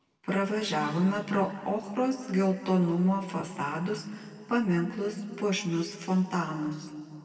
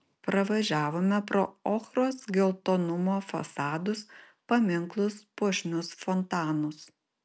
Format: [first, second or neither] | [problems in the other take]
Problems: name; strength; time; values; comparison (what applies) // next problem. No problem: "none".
second | room echo; dies away in 1.9 s